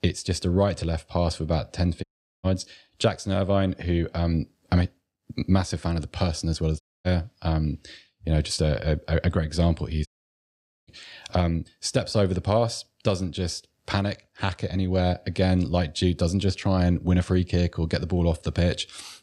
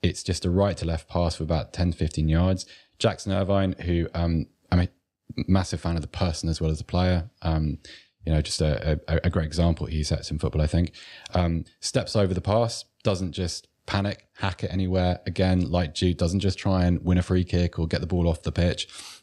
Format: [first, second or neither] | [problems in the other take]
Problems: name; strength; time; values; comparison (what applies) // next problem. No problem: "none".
second | audio cutting out; at 2 s, at 7 s and at 10 s for 1 s